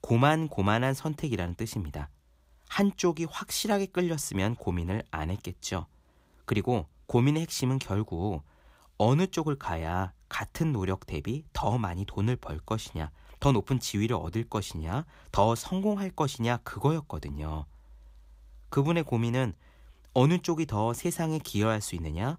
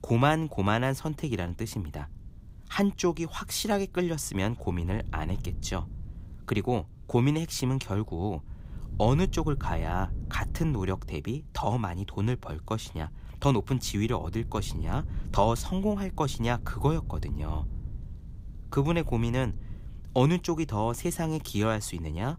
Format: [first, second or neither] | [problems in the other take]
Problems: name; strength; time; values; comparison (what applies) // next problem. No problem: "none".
first | wind noise on the microphone; occasional gusts; 25 dB below the speech